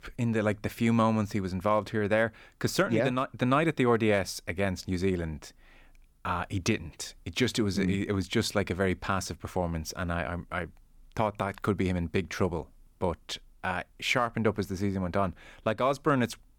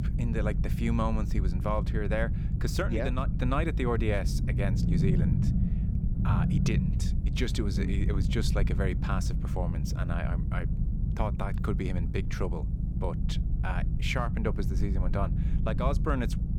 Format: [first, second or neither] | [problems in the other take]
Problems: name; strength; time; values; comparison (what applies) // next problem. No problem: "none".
first | low rumble; loud; throughout; 7 dB below the speech